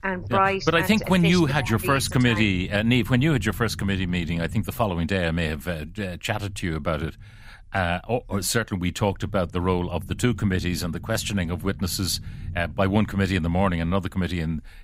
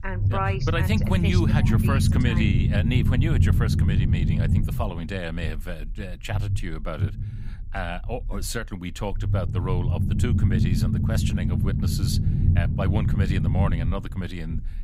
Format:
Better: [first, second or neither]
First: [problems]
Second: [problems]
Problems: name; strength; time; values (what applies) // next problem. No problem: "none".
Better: first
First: low rumble; faint; throughout; 25 dB below the speech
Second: low rumble; loud; throughout; 3 dB below the speech